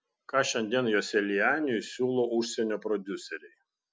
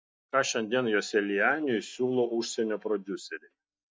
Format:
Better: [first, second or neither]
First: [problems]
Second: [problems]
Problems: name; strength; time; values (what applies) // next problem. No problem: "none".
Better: first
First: none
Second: noise reduction (neural mask model DeepFilterNet 3)